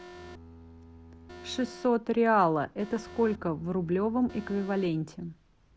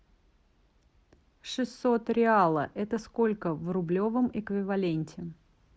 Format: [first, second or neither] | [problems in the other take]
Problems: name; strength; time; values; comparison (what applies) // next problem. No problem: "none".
second | background sound (Alarm + Bowed string instrument); 19 dB below the speech